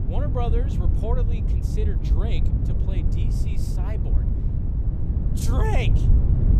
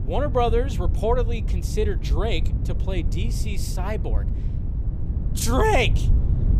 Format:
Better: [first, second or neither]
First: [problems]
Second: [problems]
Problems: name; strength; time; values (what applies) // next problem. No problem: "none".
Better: second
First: wind noise on the microphone; heavy; 3 dB below the speech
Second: wind noise on the microphone; occasional gusts; 15 dB below the speech